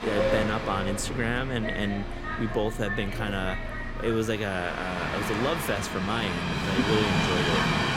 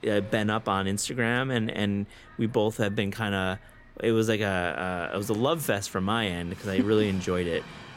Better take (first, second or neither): second